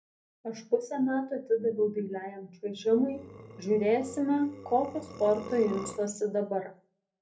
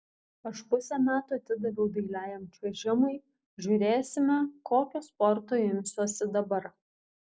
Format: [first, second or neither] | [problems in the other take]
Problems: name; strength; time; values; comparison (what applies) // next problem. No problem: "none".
second | background sound (Burping, eructation); 14 dB below the speech // room echo; dies away in 0.3 s